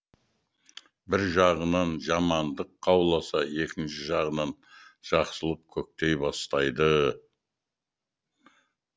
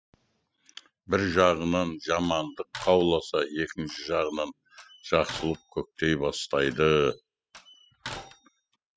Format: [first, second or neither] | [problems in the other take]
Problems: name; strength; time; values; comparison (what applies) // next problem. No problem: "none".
first | noise reduction (classical method spectral subtraction)